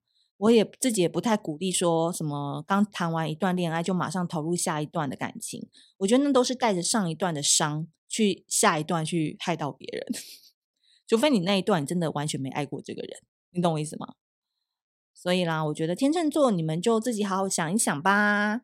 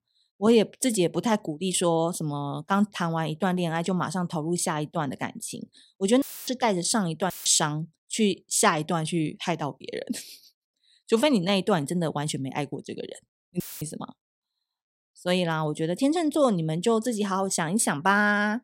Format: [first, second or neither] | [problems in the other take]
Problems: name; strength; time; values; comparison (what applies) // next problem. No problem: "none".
first | audio cutting out; filled with static; at 6 s, at 7.5 s and at 14 s